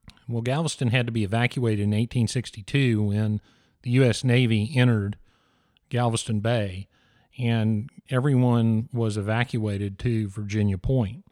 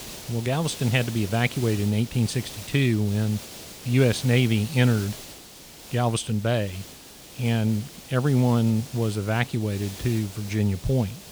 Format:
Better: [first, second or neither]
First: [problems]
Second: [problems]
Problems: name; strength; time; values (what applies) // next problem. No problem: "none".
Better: first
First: none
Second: hiss; noticeable; throughout; 15 dB below the speech